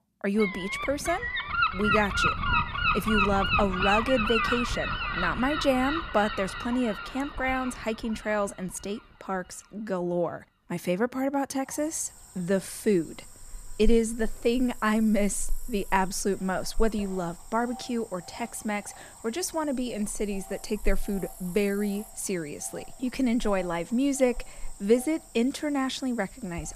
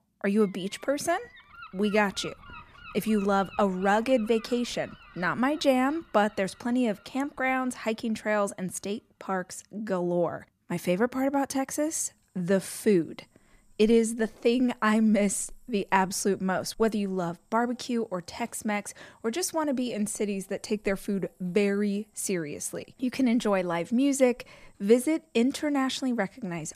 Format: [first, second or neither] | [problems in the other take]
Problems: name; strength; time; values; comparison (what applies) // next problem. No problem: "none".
second | animal sounds; loud; throughout; 1 dB below the speech; faint in the second